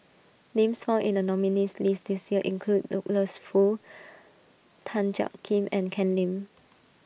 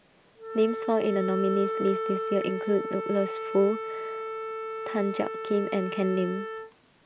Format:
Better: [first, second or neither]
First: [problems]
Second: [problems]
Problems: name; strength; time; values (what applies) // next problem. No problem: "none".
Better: first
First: none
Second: background sound (Wind instrument, woodwind instrument); 5 dB below the speech